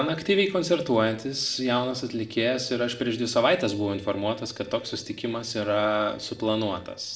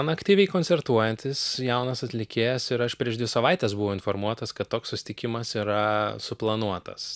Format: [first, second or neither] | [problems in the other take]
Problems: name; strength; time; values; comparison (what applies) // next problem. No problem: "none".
second | noise reduction (neural separator model SepFormer DNS4)